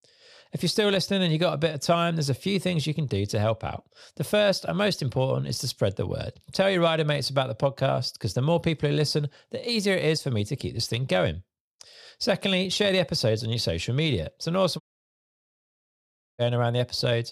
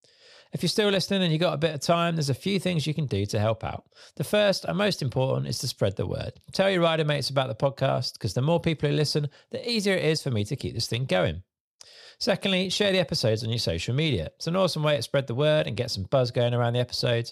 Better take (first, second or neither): second